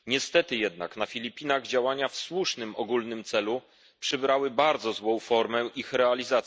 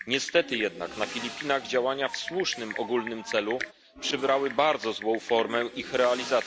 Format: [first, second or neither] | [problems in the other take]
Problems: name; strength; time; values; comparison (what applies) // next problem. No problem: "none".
first | background sound (Typing); 12 dB below the speech